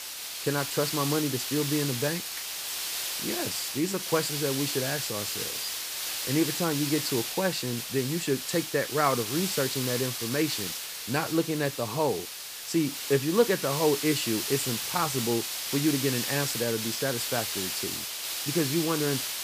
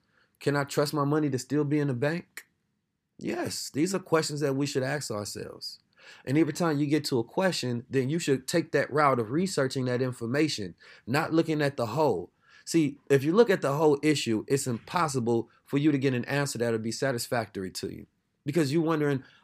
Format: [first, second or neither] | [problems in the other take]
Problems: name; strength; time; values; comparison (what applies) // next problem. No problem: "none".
second | hiss; loud; throughout; 2 dB below the speech